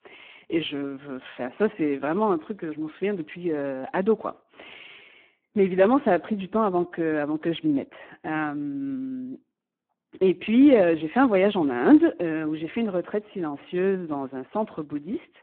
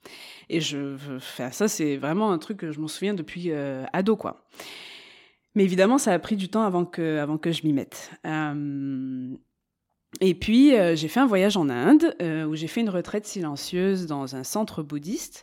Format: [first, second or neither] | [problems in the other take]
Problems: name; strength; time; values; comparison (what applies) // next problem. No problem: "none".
second | phone-call audio; poor line